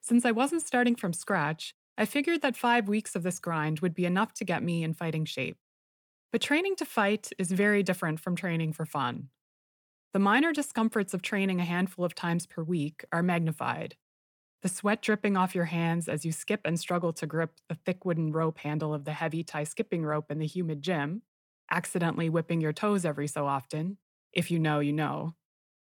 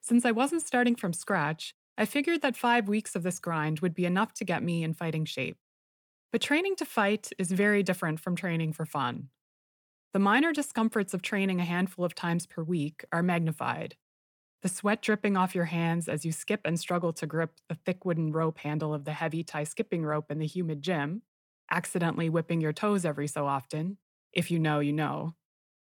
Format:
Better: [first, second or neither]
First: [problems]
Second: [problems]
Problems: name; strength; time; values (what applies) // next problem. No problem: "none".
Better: neither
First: none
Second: none